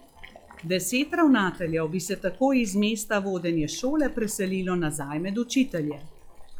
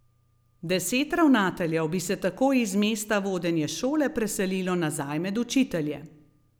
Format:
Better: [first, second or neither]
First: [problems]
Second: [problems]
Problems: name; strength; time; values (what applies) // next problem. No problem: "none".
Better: second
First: noise reduction (classical method log-MMSE)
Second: none